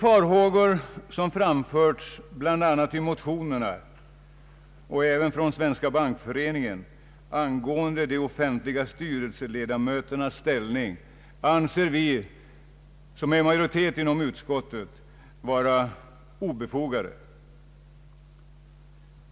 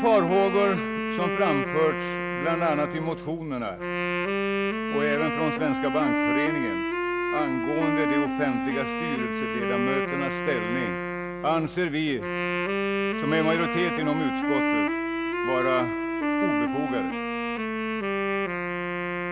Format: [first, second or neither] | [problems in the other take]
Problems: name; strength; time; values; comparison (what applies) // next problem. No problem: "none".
first | background sound (Wind instrument, woodwind instrument); 1 dB above the speech